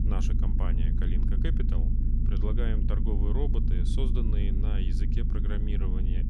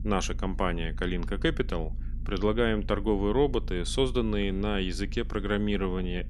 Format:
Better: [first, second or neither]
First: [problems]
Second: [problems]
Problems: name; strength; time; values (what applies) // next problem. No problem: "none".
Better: second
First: low rumble; loud; throughout; 1 dB below the speech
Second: low rumble; faint; throughout; 25 dB below the speech